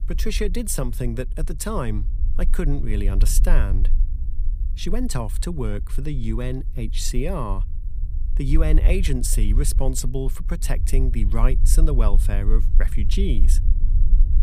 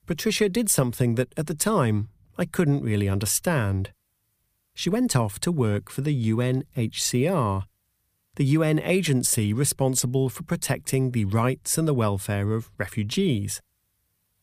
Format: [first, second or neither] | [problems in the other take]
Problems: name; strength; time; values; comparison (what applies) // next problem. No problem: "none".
second | low rumble; noticeable; throughout; 15 dB below the speech